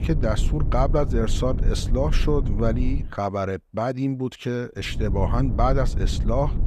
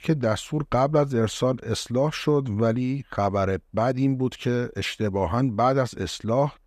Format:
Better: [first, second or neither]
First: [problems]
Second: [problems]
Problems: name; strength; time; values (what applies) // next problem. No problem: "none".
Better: second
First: low rumble; noticeable; until 3 s and from 5 s on; 15 dB below the speech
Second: none